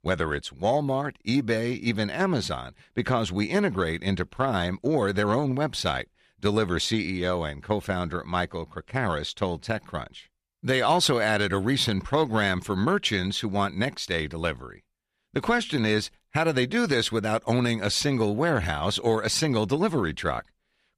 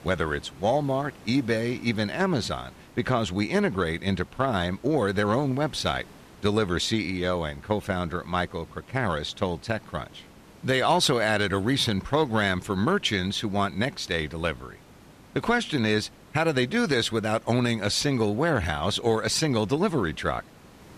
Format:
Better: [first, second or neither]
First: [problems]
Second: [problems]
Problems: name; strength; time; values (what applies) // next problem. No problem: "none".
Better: first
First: none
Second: hiss; faint; throughout; 25 dB below the speech